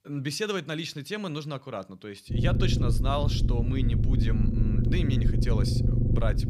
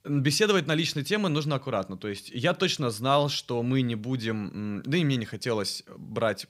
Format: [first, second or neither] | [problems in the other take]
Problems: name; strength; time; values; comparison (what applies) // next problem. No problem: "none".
second | low rumble; loud; from 2.5 s on; 3 dB below the speech